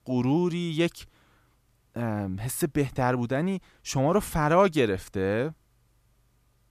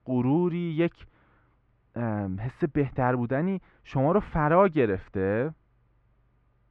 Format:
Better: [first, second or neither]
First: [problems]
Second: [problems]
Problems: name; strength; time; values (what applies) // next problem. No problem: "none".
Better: first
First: none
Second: muffled; very; fading above 2 kHz